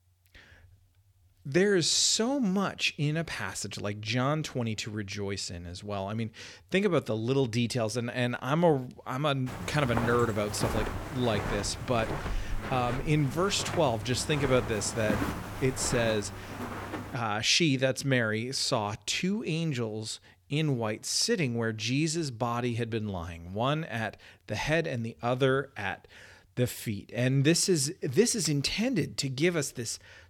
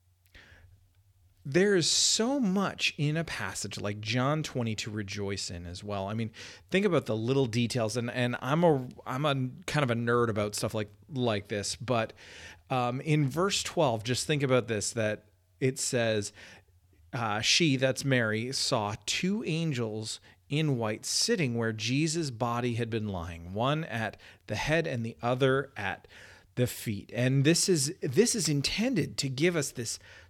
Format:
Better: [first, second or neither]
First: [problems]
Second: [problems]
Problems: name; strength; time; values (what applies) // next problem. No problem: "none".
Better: second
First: footsteps; noticeable; from 9.5 to 17 s; peak 3 dB below the speech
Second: none